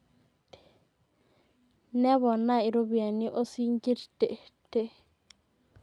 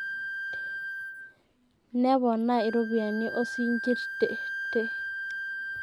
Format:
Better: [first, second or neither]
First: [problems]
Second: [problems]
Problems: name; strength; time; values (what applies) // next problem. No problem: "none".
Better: first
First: none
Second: background sound (Wind instrument, woodwind instrument); 6 dB below the speech